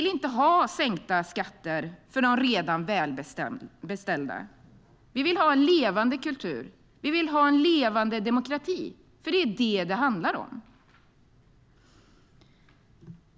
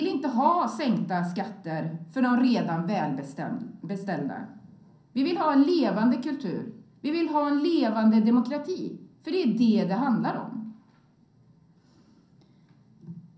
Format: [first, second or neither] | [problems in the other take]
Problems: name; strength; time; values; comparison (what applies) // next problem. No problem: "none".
first | room echo; dies away in 0.6 s